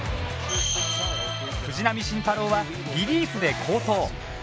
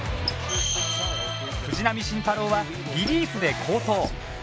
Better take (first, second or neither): first